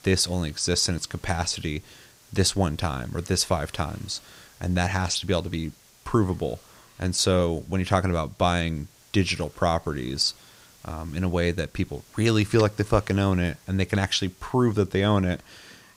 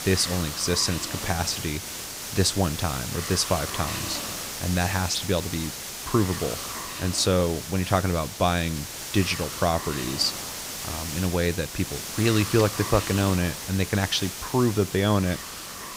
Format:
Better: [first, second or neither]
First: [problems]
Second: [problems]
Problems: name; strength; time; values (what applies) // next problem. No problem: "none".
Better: first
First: hiss; faint; throughout; 25 dB below the speech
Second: hiss; loud; throughout; 6 dB below the speech